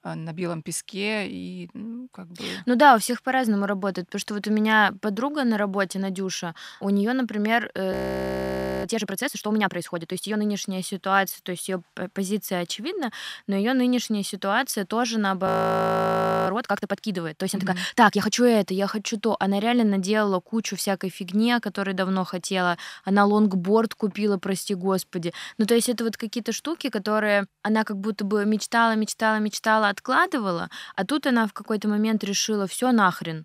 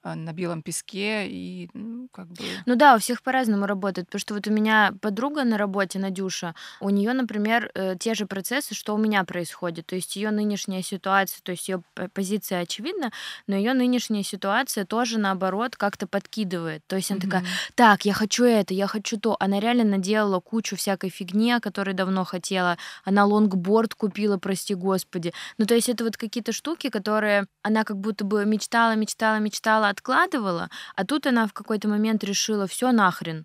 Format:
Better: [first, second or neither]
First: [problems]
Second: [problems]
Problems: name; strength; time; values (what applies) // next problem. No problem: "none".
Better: second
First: audio freezing; at 8 s for 1 s and at 15 s for 1 s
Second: none